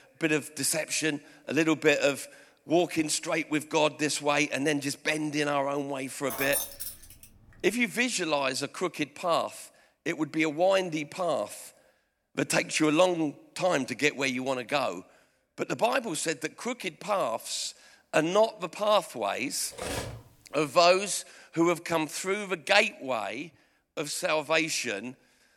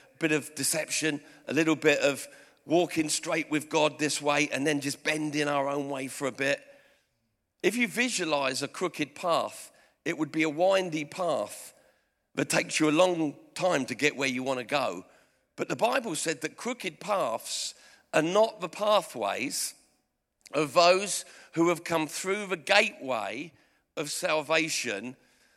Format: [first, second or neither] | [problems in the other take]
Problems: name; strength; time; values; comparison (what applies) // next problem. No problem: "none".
second | jangling keys; noticeable; at 6.5 s; peak 2 dB below the speech // clattering dishes; noticeable; at 20 s; peak 6 dB below the speech